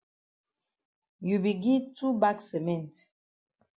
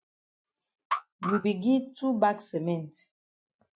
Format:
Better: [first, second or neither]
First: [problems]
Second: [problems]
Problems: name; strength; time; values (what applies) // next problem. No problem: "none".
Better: first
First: none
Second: noise reduction (neural mask model RNNoise)